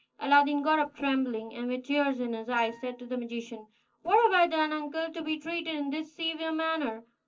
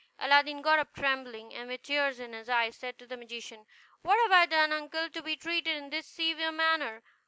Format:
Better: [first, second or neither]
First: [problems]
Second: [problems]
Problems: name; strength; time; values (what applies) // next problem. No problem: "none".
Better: second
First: noise reduction (neural separator model SepFormer DNS4)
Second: none